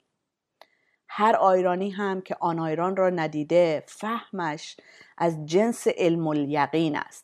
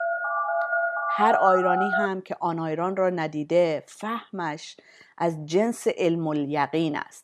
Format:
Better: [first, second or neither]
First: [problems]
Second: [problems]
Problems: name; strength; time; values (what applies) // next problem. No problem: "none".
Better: first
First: none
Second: phone ringing; loud; until 2 s; peak 1 dB above the speech